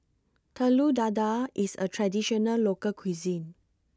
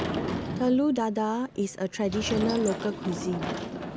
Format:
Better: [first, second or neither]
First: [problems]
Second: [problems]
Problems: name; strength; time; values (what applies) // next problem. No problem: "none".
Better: first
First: none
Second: background sound (Sliding door / Slam); 6 dB below the speech